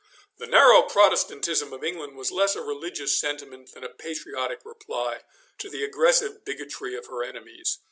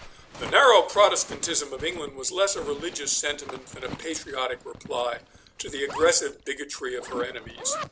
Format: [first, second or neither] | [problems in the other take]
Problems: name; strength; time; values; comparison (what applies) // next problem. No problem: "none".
first | background sound (Zipper (clothing)); 15 dB below the speech